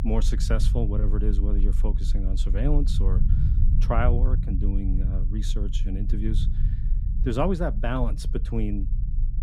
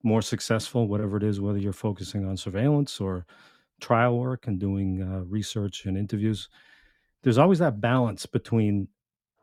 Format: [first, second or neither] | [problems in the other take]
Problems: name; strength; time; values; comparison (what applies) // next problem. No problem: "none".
second | low rumble; noticeable; throughout; 10 dB below the speech